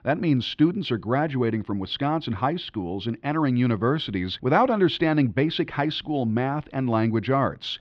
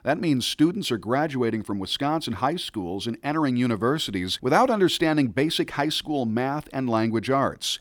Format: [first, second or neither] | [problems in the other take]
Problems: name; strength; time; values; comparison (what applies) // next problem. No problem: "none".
second | muffled; slightly; fading above 3.5 kHz